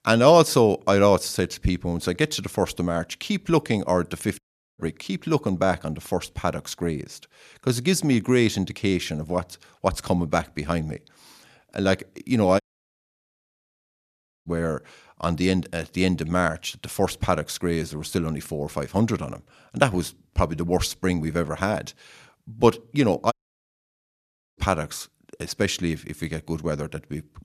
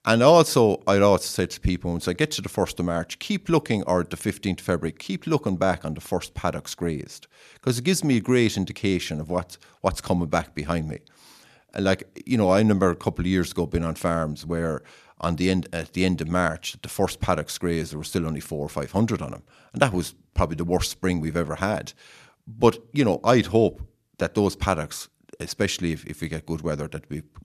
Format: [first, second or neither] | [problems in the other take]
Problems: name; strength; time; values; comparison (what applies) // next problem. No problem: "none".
second | audio cutting out; at 4.5 s, at 13 s for 2 s and at 23 s for 1.5 s